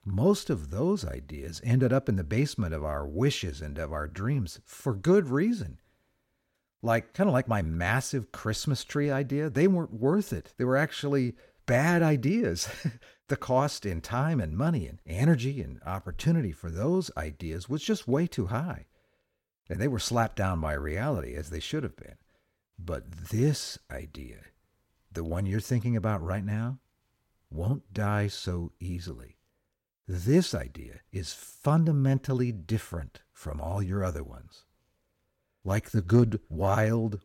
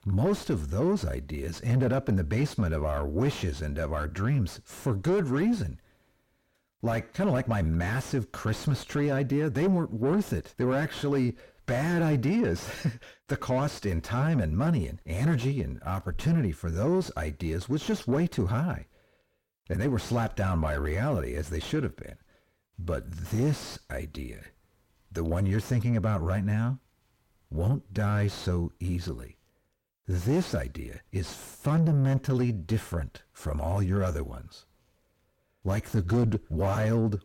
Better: first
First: none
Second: distortion; heavy; 7 dB below the speech

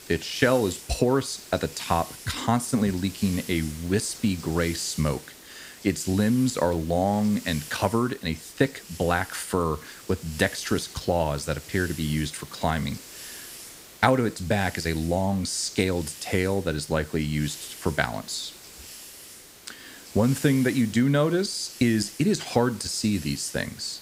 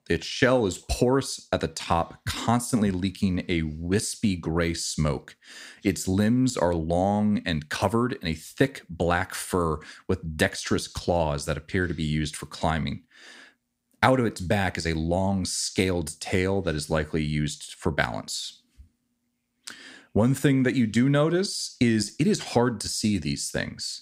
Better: second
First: hiss; noticeable; throughout; 15 dB below the speech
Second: none

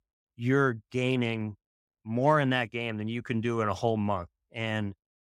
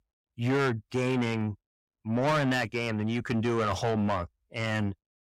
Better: first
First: none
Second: distortion; heavy; 6 dB below the speech

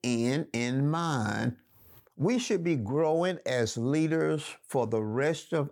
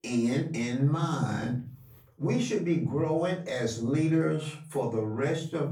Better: first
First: none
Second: off-mic speech; far // room echo; slight; dies away in 0.4 s

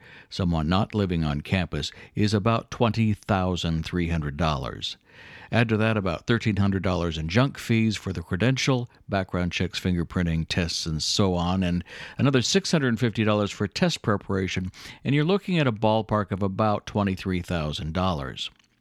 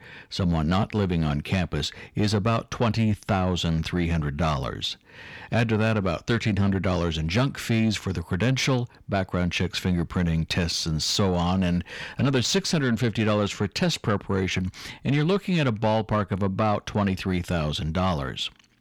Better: first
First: none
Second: distortion; slight; 10 dB below the speech

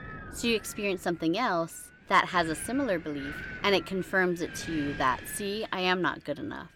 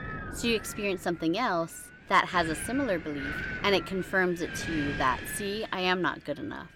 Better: first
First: wind noise on the microphone; occasional gusts; 15 dB below the speech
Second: wind noise on the microphone; heavy; 9 dB below the speech

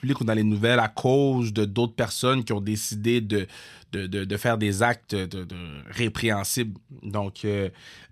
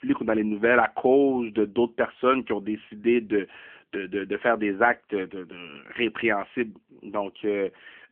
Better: first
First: none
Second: phone-call audio; nothing above 3 kHz

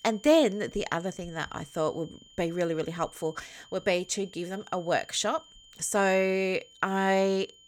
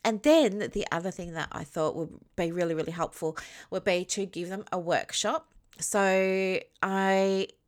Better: second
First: high-pitched whine; faint; throughout; 3 kHz, 25 dB below the speech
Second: none

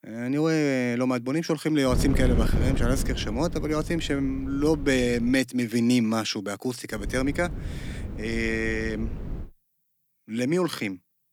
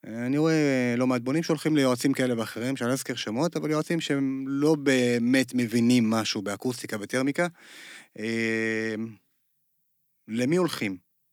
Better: second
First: wind noise on the microphone; occasional gusts; from 2 to 5.5 s and from 7 to 9.5 s; 10 dB below the speech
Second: none

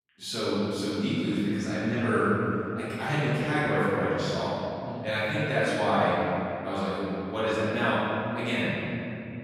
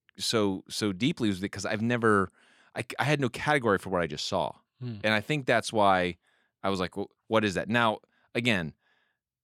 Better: second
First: room echo; strong; dies away in 2.9 s // off-mic speech; far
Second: none

